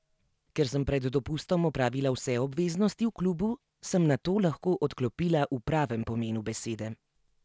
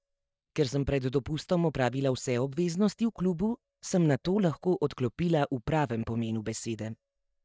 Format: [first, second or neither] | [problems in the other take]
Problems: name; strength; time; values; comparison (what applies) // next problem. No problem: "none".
first | noise reduction (neural mask model DeepFilterNet 3)